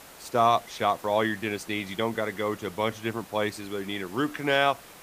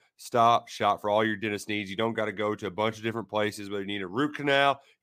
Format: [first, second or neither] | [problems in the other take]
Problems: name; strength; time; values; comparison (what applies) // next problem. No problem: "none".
second | hiss; noticeable; throughout; 20 dB below the speech